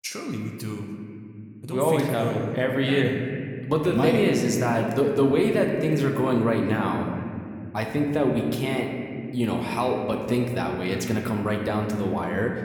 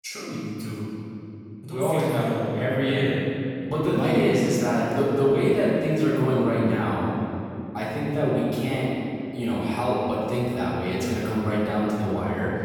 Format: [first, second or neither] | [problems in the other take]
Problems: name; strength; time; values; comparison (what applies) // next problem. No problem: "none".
first | room echo; strong; dies away in 2.7 s; slight in the first // off-mic speech; far